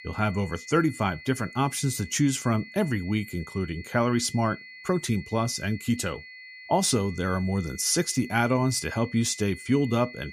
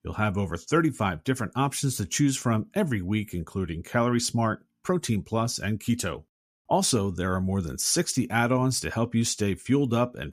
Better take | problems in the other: second | high-pitched whine; noticeable; throughout; 2 kHz, 15 dB below the speech

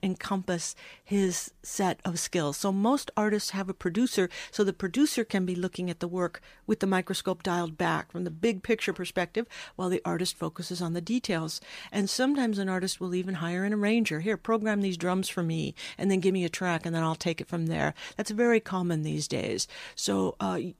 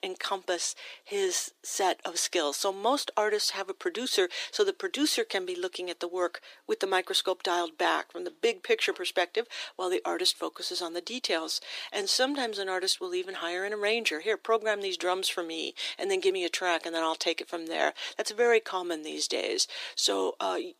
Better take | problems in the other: first | thin; very; fading below 300 Hz

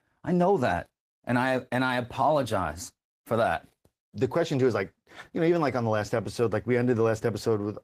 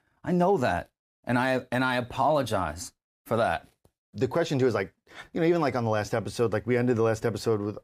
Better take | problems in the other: second | garbled, watery; slightly; nothing above 15 kHz

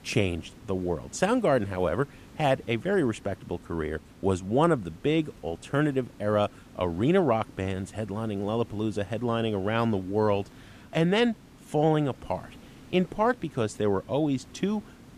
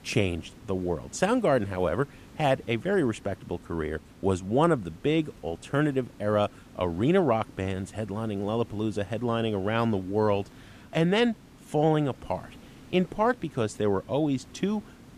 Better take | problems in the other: neither | hiss; faint; throughout; 25 dB below the speech; the same in both

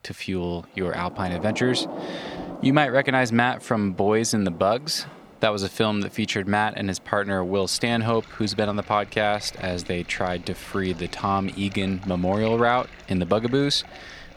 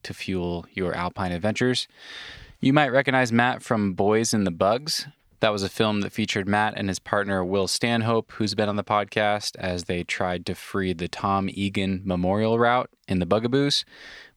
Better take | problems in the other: second | rain or running water; noticeable; throughout; 15 dB below the speech

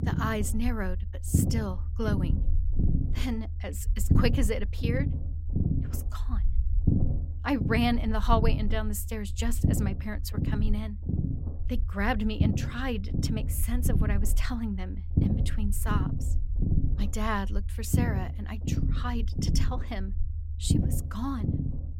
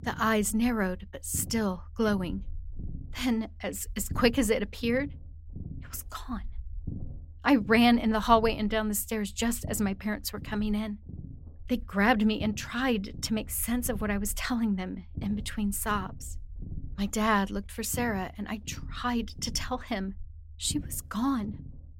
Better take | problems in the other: second | low rumble; loud; throughout; 6 dB below the speech; faint in the second

